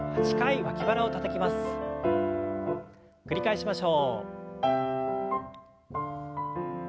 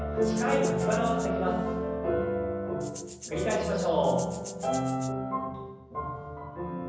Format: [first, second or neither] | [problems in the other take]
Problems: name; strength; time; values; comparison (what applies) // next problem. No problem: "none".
first | background sound (Rattle (instrument)); 16 dB below the speech // room echo; dies away in 1.1 s